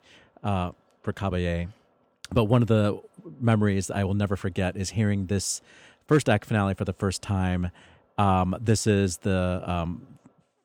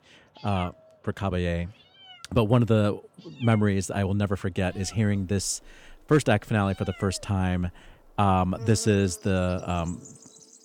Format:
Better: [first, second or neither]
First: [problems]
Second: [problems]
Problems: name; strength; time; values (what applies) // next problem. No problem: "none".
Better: first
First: none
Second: animal sounds; faint; throughout; 20 dB below the speech